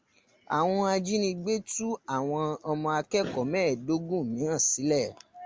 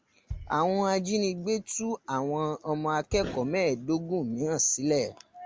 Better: first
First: none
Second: background sound (Bass drum); 18 dB below the speech

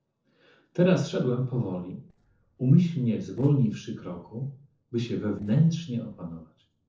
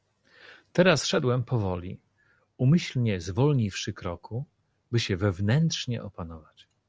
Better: second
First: noise reduction (neural separator model SepFormer DNS4)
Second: none

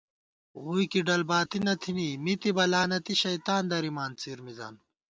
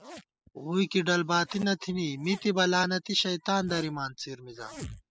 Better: first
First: none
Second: noise reduction (classical method spectral subtraction)

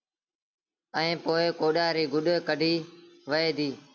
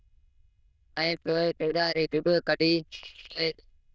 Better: first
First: none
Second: noise reduction (neural diffusion model UNIVERSE++)

